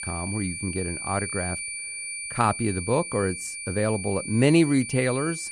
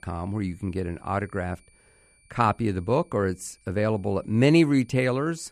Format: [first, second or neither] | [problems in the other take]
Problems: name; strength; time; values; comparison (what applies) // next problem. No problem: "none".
second | high-pitched whine; loud; throughout; 2.5 kHz, 7 dB below the speech; faint in the second